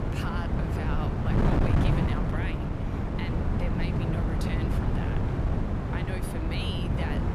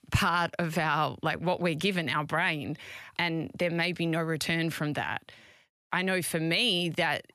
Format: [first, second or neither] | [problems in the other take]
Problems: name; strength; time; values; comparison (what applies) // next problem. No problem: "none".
second | wind noise on the microphone; heavy; 4 dB above the speech